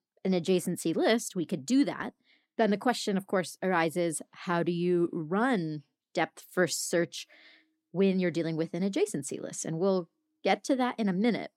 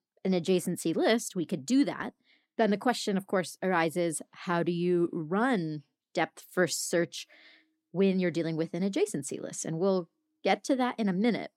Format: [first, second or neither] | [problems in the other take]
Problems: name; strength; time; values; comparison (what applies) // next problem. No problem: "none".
neither | none